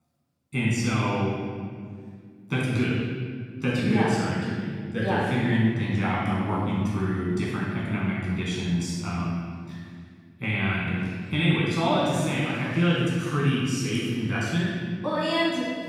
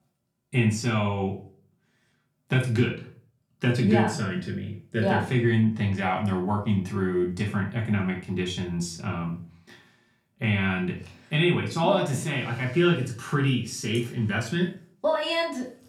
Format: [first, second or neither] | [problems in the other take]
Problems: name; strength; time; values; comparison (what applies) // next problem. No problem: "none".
second | room echo; strong; dies away in 1.9 s; slight in the second // off-mic speech; far; far in the second